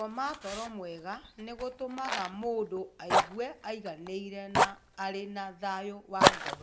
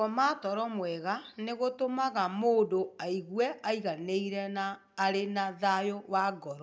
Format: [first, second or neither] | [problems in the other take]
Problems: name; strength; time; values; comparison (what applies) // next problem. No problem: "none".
second | background sound (Fire); 4 dB above the speech